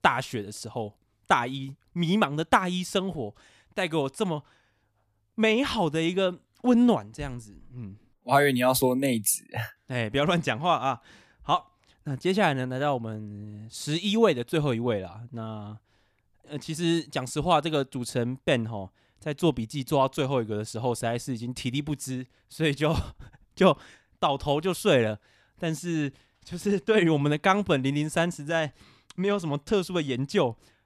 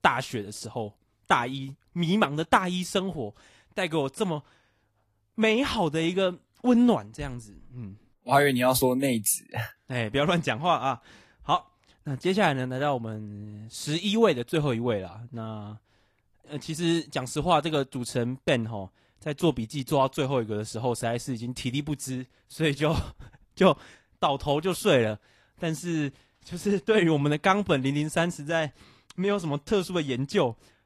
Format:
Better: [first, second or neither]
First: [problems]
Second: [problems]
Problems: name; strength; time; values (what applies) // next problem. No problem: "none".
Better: first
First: none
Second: garbled, watery; slightly; nothing above 14.5 kHz